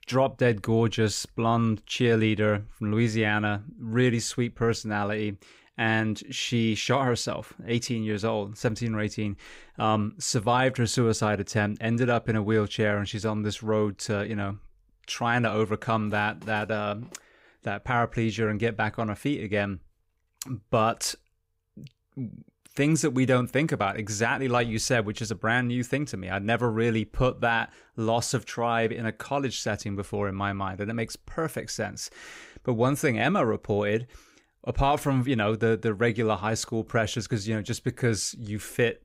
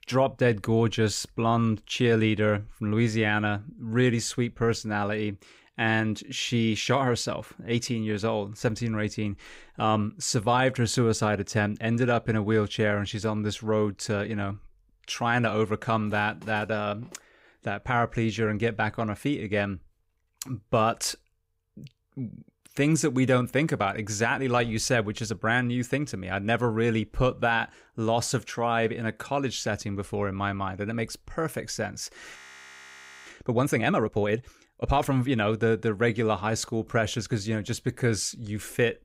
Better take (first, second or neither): first